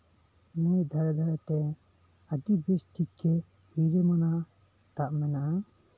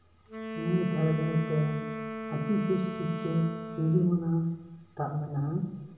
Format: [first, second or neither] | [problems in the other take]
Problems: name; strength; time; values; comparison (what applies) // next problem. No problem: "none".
first | background sound (Wind instrument, woodwind instrument); 9 dB below the speech // room echo; dies away in 1.1 s